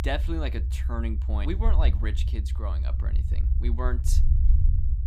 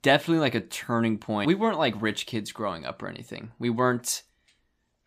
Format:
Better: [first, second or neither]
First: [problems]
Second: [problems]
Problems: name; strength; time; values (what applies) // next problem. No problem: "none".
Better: second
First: low rumble; loud; throughout; 9 dB below the speech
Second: none